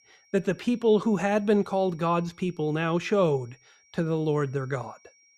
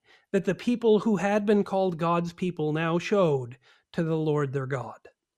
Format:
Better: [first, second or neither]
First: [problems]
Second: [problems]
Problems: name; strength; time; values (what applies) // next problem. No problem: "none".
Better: second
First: high-pitched whine; faint; throughout; 5.5 kHz, 35 dB below the speech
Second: none